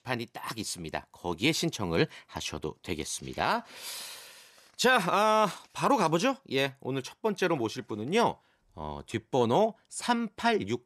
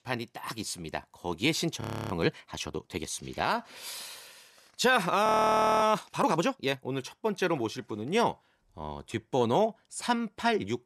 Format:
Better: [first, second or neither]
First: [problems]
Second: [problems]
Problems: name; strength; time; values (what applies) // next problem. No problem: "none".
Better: first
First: none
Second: audio freezing; at 2 s and at 5.5 s for 0.5 s